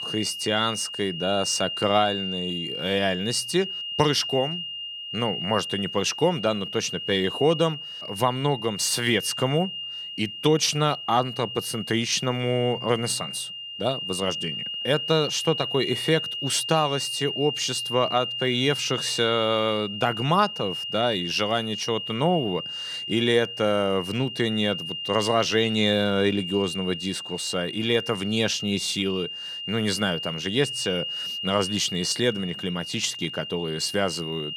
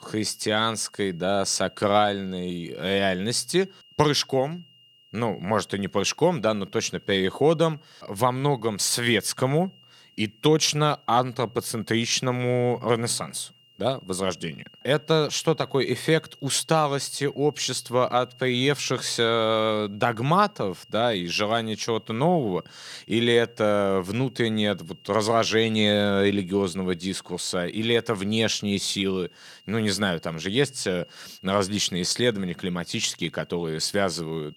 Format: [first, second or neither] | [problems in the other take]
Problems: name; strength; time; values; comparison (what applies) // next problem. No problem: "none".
second | high-pitched whine; loud; throughout; 3 kHz, 6 dB below the speech; faint in the second